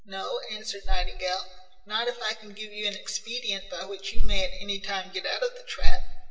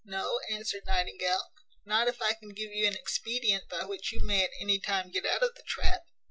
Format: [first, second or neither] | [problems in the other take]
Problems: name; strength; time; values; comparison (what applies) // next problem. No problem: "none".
second | room echo; dies away in 0.8 s